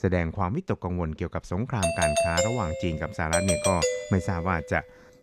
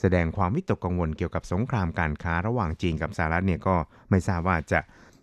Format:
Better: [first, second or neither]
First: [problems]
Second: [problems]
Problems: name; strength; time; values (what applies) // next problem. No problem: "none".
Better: second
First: doorbell; loud; from 2 to 4.5 s; peak 4 dB above the speech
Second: none